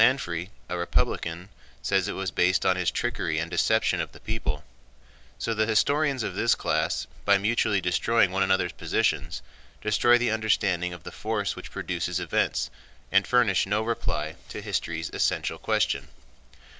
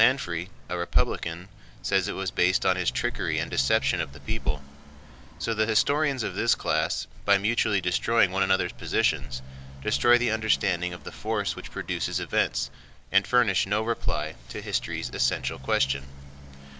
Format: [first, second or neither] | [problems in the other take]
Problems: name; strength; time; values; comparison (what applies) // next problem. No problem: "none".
first | background sound (Motorcycle); 19 dB below the speech